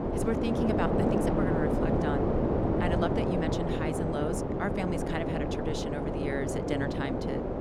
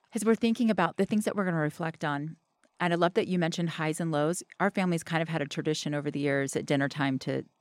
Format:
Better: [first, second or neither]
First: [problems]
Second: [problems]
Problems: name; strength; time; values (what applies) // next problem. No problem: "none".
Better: second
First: wind noise on the microphone; heavy; 4 dB above the speech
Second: none